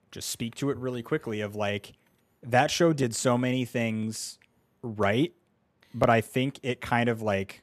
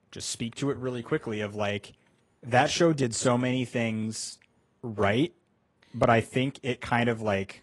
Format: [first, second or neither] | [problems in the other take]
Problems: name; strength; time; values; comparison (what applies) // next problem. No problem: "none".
first | garbled, watery; slightly; nothing above 10.5 kHz